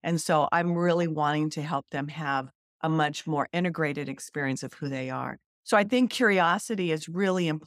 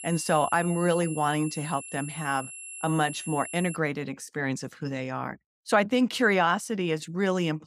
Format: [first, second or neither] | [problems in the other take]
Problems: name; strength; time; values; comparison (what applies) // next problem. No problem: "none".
first | high-pitched whine; noticeable; until 4 s; 11 kHz, 10 dB below the speech